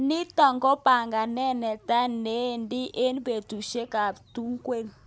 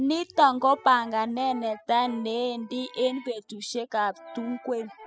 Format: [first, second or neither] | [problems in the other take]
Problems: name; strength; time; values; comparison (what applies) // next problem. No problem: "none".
first | noise reduction (classical method spectral subtraction)